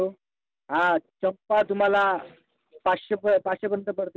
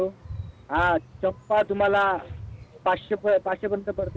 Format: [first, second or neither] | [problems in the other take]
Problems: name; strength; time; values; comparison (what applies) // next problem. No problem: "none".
first | background sound (Dog); 15 dB below the speech